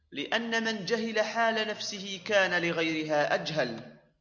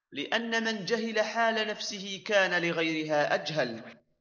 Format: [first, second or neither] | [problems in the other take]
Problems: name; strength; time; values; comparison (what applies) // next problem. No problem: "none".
first | noise reduction (neural mask model Resemble Enhance denoiser)